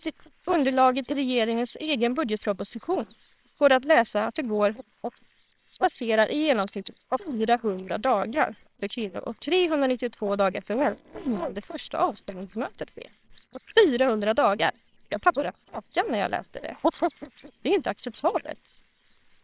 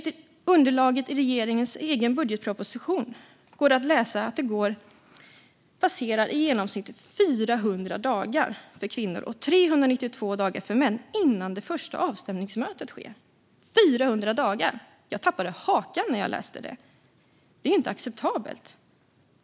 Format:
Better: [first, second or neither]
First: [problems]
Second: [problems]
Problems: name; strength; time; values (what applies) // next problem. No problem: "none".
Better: second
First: noise reduction (neural separator model SepFormer WHAMR!)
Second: none